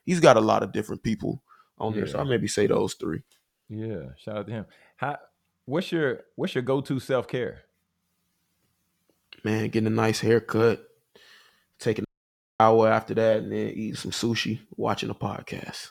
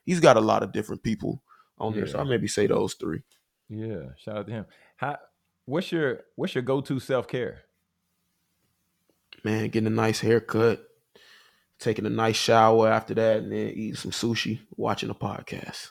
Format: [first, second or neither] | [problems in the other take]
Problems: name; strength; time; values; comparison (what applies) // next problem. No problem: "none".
second | audio cutting out; at 12 s for 0.5 s